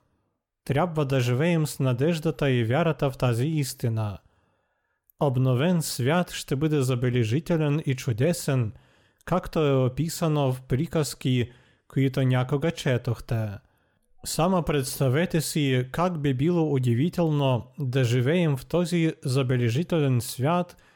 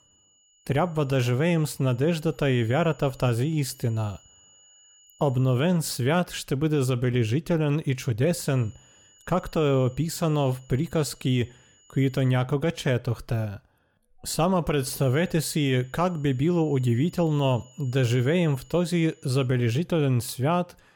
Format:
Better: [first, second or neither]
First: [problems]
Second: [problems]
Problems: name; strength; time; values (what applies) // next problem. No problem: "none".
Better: first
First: none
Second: high-pitched whine; faint; until 6 s, from 8.5 to 12 s and from 15 to 19 s; 7 kHz, 30 dB below the speech